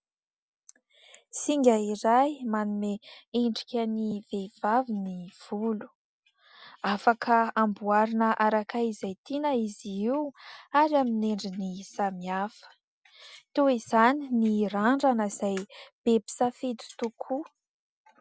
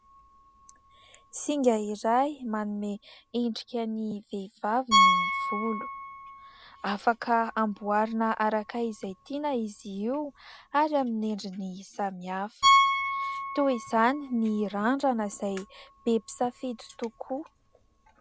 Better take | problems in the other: first | background sound (Piano); 3 dB below the speech

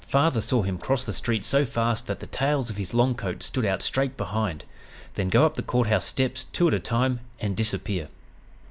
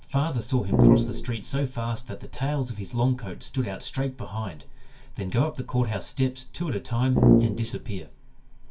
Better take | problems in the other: first | background sound (Brass instrument); 5 dB above the speech // room echo; dies away in 0.1 s

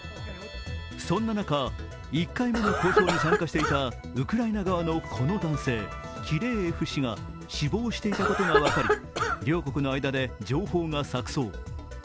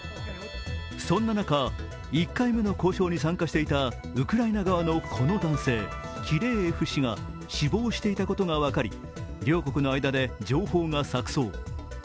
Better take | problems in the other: second | background sound (Cough); 2 dB above the speech

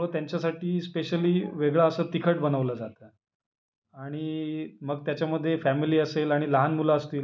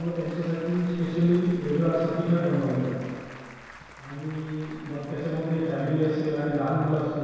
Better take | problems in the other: first | background sound (Applause); 19 dB below the speech // room echo; dies away in 2 s

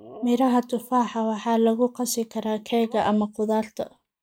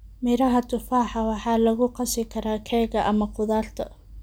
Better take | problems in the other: second | noise reduction (neural mask model Resemble Enhance denoiser)

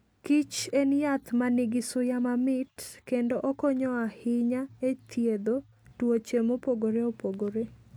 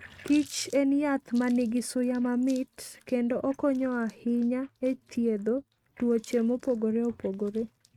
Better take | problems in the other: first | noise reduction (neural mask model RNNoise)

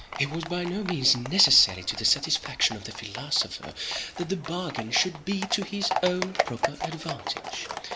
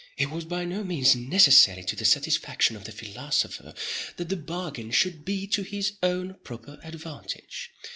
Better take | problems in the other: second | background sound (Livestock, farm animals, working animals); 7 dB below the speech

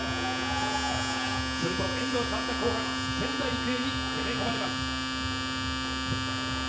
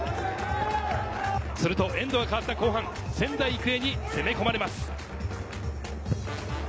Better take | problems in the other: second | background sound (Domestic sounds, home sounds); 2 dB above the speech // room echo; dies away in 0.6 s

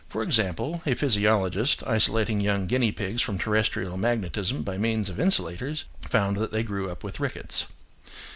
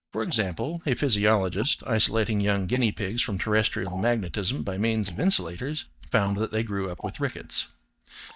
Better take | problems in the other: first | noise reduction (neural mask model DeepFilterNet 3)

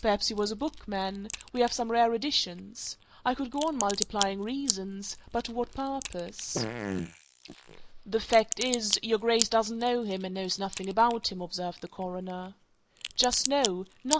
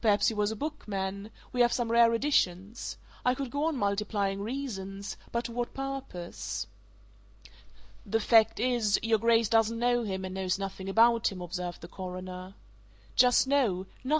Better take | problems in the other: second | noise reduction (neural mask model Resemble Enhance denoiser)

